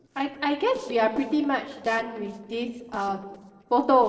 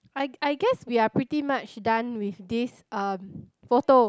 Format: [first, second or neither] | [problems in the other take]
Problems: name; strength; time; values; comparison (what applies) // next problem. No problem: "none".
second | noise reduction (neural separator model SepFormer DNS4)